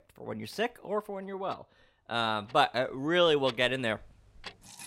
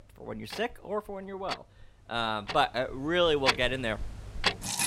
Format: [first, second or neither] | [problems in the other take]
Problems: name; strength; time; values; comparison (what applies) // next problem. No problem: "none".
first | household noises; loud; throughout; 4 dB below the speech; faint in the first